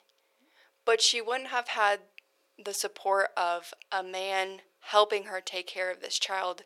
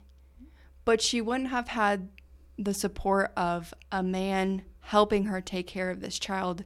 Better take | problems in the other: second | thin; very; fading below 500 Hz

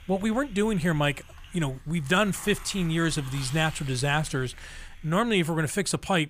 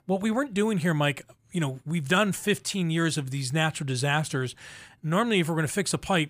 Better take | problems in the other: second | hiss; noticeable; throughout; 20 dB below the speech

